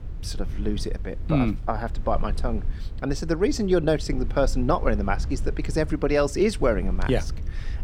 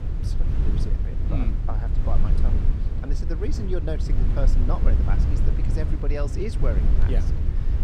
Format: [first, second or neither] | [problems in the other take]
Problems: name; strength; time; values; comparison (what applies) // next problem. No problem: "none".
first | low rumble; loud; throughout; 3 dB below the speech; faint in the first